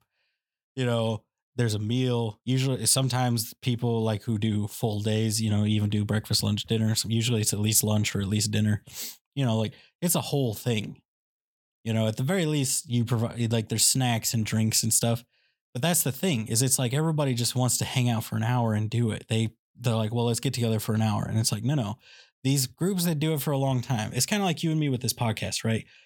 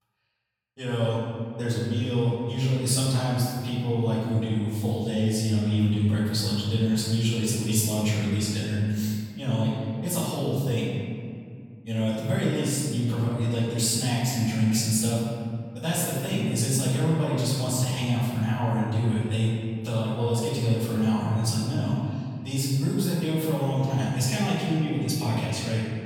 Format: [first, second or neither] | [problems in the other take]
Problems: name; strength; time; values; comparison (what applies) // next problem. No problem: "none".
first | off-mic speech; far // room echo; strong; dies away in 2 s